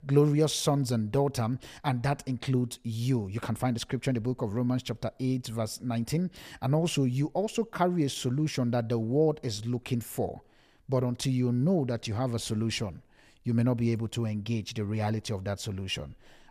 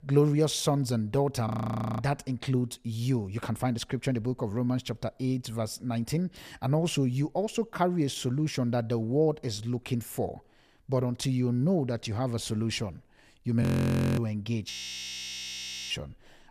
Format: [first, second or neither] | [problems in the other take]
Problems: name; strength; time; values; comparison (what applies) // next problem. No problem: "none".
first | audio freezing; at 1.5 s for 0.5 s, at 14 s for 0.5 s and at 15 s for 1 s